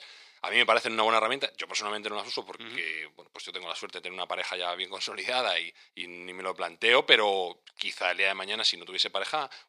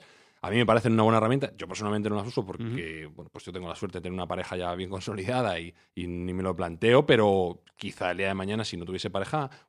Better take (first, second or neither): second